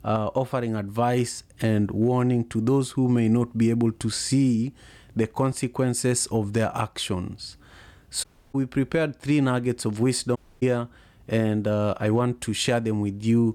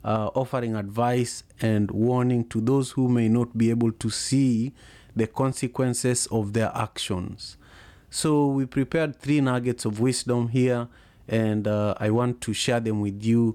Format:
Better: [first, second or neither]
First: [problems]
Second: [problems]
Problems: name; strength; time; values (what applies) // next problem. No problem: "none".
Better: second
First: audio cutting out; at 8 s and at 10 s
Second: none